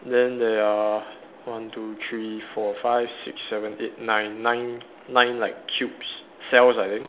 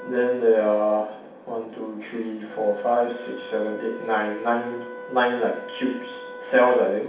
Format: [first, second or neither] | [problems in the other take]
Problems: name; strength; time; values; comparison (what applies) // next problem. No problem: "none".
first | background sound (Wind instrument, woodwind instrument); 15 dB below the speech // room echo; dies away in 0.6 s